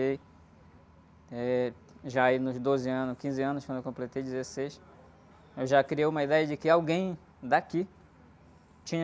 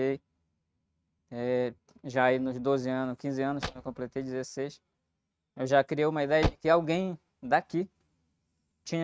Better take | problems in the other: first | noise reduction (neural mask model RNNoise)

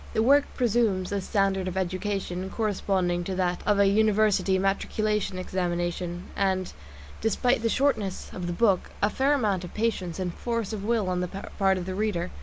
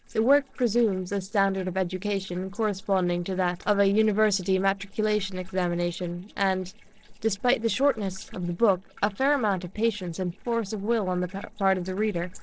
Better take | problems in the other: first | noise reduction (neural separator model SepFormer DNS4)

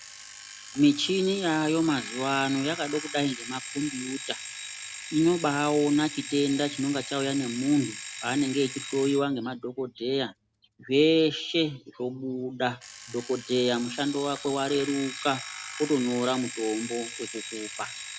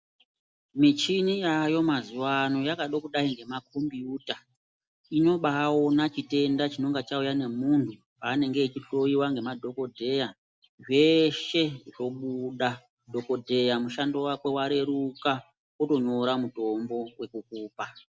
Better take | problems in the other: second | background sound (Alarm); 12 dB below the speech

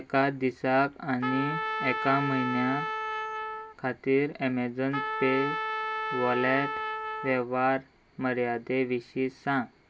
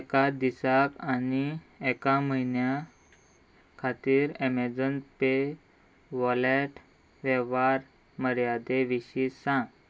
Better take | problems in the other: second | background sound (Trumpet); 4 dB below the speech

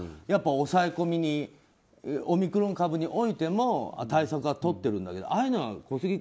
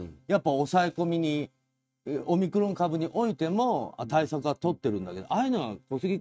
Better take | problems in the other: first | noise reduction (neural mask model RNNoise)

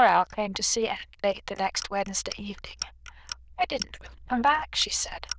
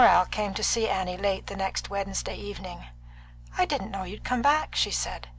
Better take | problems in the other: second | noise reduction (neural diffusion model UNIVERSE++)

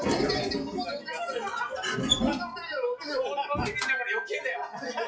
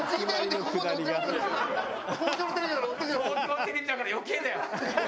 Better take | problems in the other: second | noise reduction (classical method WPE with log-MMSE)

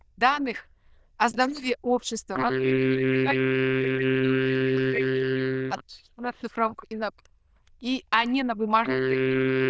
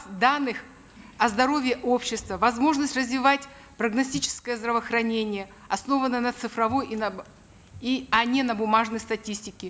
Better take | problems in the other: second | noise reduction (neural diffusion model UNIVERSE++)

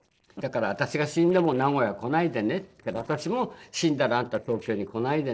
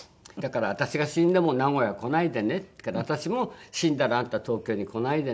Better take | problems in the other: second | noise reduction (neural separator model SepFormer DNS4)

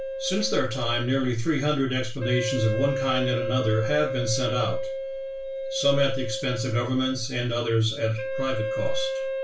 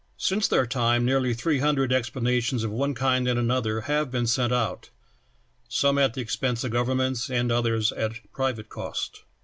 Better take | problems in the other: second | background sound (Wind instrument, woodwind instrument); 6 dB below the speech // room echo; dies away in 0.3 s

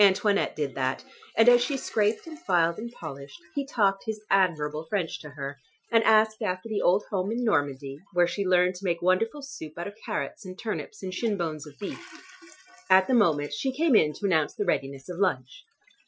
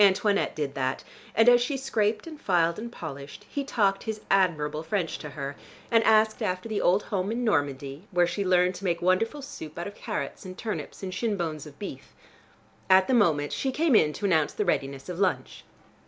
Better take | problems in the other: second | noise reduction (classical method Wiener filter)

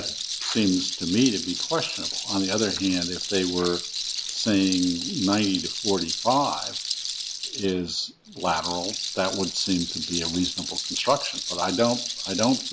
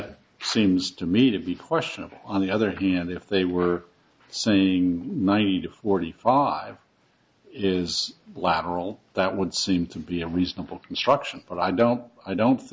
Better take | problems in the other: second | background sound (Rattle); 5 dB below the speech

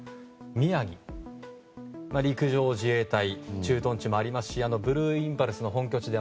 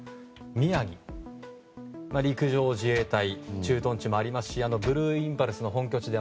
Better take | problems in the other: first | background sound (Microwave oven); 17 dB below the speech

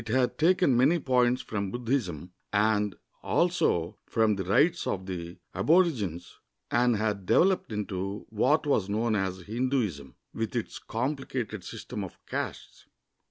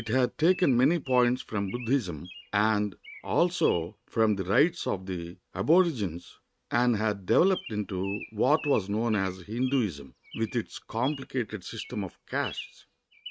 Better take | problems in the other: first | noise reduction (neural mask model RNNoise)

